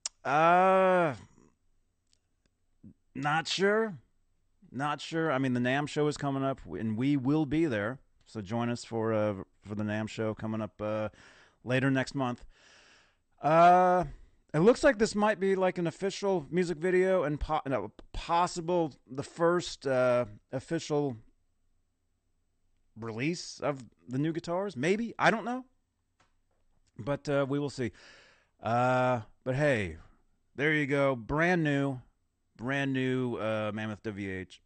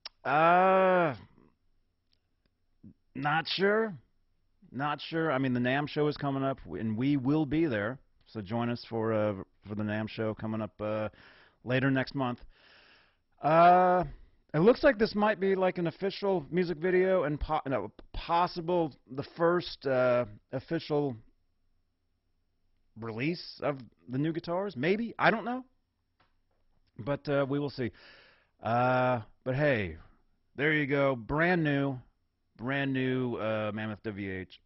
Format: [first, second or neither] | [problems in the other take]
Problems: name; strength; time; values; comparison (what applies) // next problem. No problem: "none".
first | garbled, watery; badly; nothing above 5.5 kHz; slightly in the first